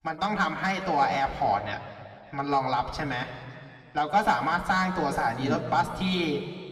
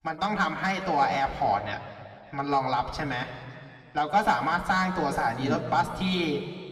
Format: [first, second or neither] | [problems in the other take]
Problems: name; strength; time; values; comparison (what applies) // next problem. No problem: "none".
neither | room echo; slight; dies away in 2.2 s; the same in both // off-mic speech; far; the same in both